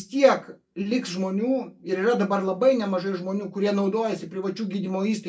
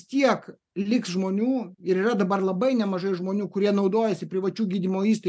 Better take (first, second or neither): second